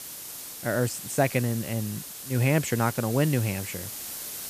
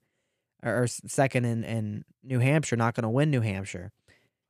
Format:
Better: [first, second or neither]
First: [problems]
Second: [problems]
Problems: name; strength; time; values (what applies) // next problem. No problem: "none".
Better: second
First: hiss; loud; throughout; 9 dB below the speech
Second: none